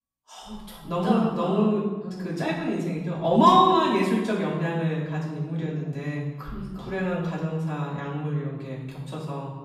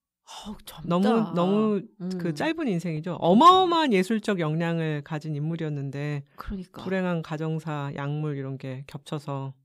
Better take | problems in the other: second | off-mic speech; far // room echo; noticeable; dies away in 1 s

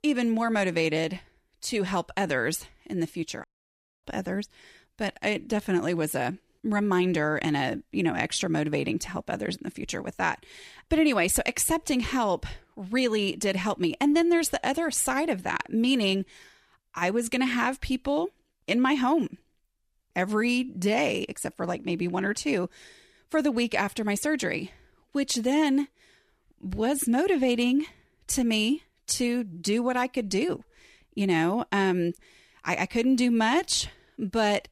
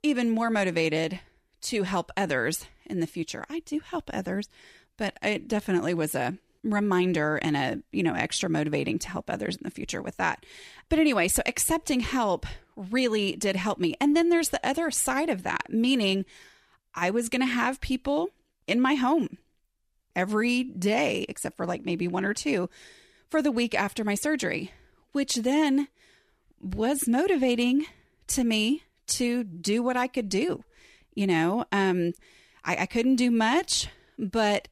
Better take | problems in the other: second | audio cutting out; at 3.5 s for 0.5 s

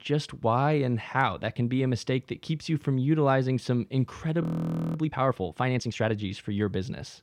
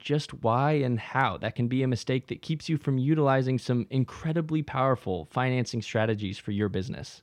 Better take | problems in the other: second | audio freezing; at 4.5 s for 0.5 s

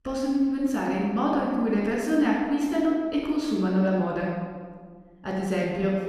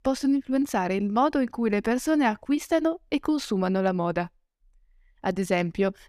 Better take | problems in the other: second | off-mic speech; far // room echo; noticeable; dies away in 1.6 s

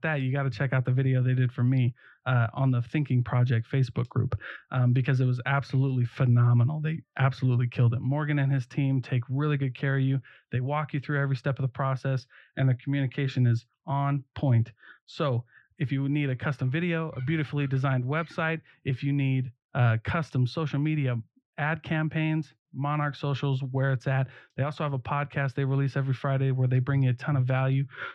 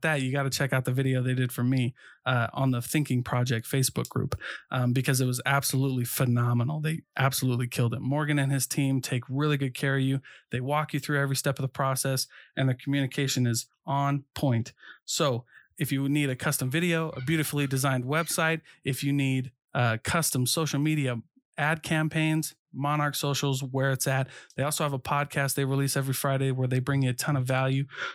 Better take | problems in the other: second | muffled; very; fading above 3 kHz

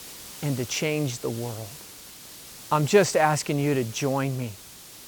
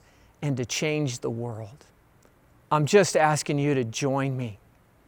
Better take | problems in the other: second | hiss; noticeable; throughout; 15 dB below the speech

